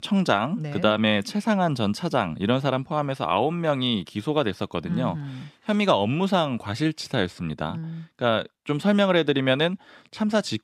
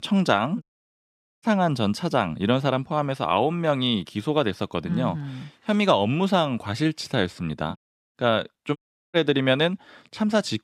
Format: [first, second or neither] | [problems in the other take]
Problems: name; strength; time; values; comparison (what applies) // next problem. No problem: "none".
first | audio cutting out; at 0.5 s for 1 s, at 8 s and at 9 s